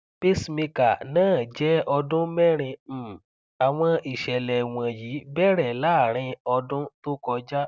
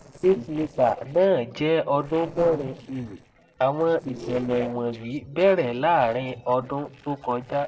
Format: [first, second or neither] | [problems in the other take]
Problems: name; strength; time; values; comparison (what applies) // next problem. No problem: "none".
first | noise reduction (neural separator model SepFormer DNS4)